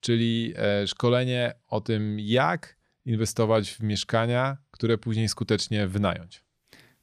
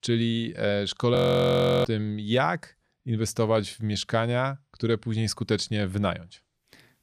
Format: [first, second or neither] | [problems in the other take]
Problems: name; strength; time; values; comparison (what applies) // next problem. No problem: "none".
first | audio freezing; at 1 s for 0.5 s